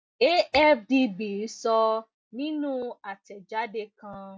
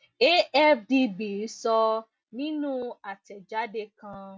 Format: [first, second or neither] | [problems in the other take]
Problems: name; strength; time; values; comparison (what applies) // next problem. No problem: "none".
second | noise reduction (neural mask model DeepFilterNet 3)